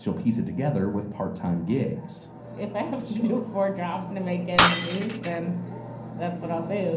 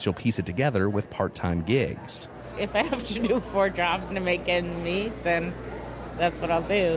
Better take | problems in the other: second | background sound (Shatter); 1 dB above the speech // room echo; dies away in 0.6 s

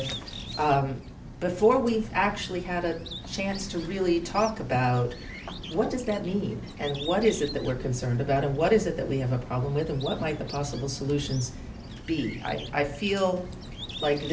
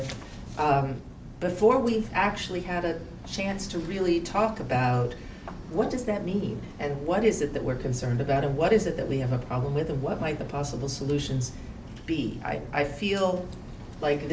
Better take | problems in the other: second | background sound (Bird); 18 dB below the speech

